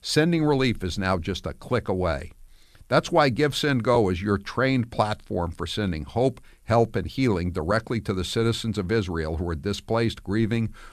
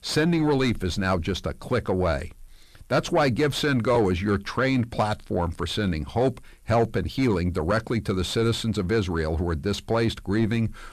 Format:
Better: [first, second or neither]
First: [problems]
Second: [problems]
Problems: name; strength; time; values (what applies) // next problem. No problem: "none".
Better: first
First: none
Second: distortion; slight; 10 dB below the speech